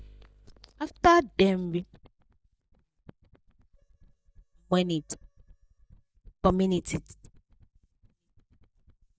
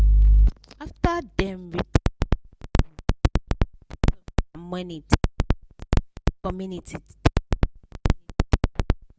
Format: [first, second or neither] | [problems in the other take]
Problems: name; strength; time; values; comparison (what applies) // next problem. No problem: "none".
second | noise reduction (neural mask model DeepFilterNet 3)